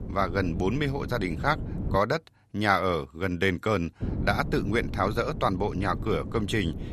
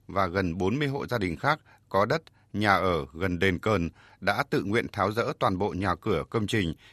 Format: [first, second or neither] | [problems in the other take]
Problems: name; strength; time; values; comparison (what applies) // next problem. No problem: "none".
second | wind noise on the microphone; occasional gusts; until 2 s and from 4 s on; 15 dB below the speech